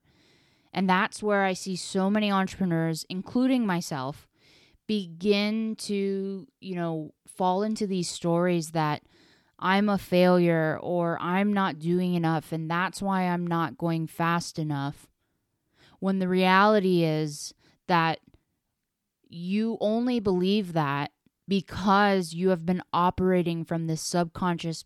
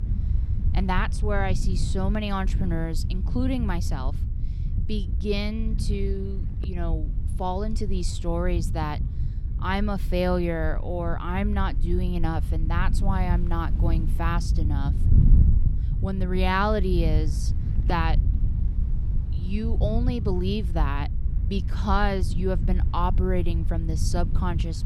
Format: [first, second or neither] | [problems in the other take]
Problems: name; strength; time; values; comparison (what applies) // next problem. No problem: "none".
first | wind noise on the microphone; occasional gusts; 10 dB below the speech